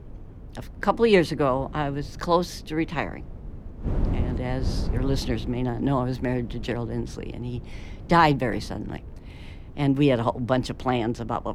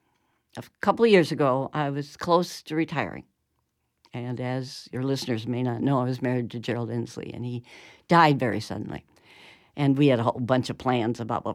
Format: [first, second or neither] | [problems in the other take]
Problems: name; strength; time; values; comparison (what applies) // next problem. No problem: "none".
second | wind noise on the microphone; occasional gusts; 20 dB below the speech